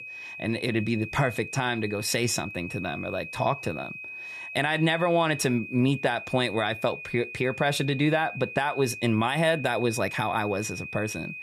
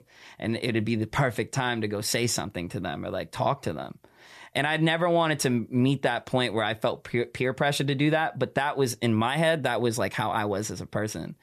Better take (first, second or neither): second